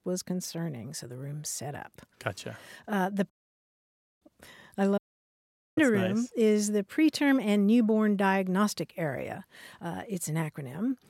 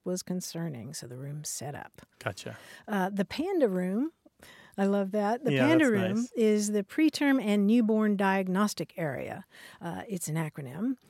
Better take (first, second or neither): second